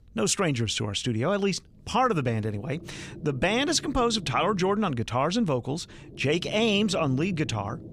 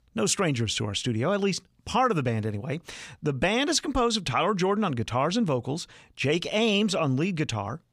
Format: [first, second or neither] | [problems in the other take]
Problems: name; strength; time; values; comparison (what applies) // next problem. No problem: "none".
second | low rumble; faint; throughout; 20 dB below the speech